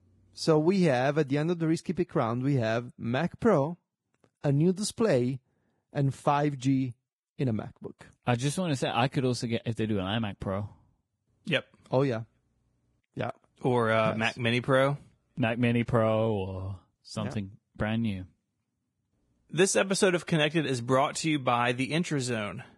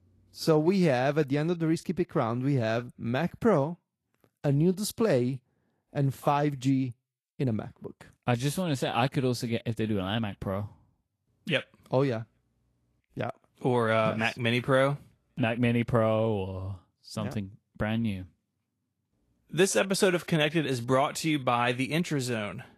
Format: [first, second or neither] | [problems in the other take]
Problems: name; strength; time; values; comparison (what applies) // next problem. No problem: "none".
second | garbled, watery; badly; nothing above 10.5 kHz; slightly in the second